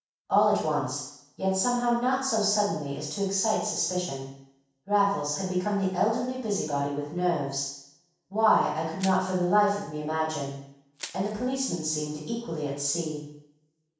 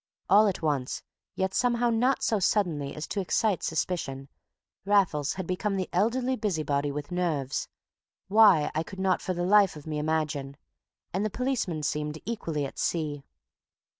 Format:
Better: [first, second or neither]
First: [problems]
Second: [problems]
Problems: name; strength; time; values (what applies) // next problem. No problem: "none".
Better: second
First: background sound (Crushing); 18 dB below the speech // room echo; dies away in 0.7 s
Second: none